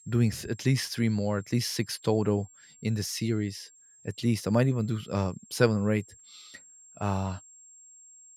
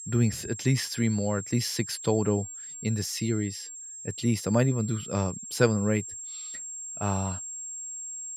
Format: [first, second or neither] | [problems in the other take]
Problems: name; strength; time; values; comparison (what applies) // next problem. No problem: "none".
first | high-pitched whine; loud; throughout; 7.5 kHz, 9 dB below the speech; faint in the first